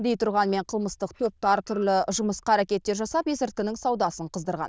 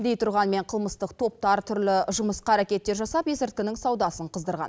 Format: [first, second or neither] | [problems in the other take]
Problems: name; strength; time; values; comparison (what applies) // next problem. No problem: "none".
second | noise reduction (neural diffusion model UNIVERSE++)